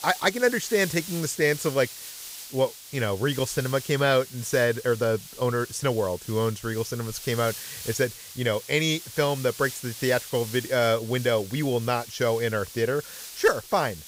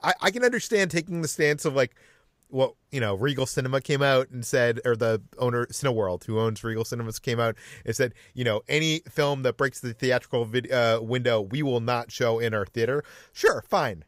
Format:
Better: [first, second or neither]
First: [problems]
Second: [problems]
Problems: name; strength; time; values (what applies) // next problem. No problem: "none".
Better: second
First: hiss; noticeable; throughout; 10 dB below the speech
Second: none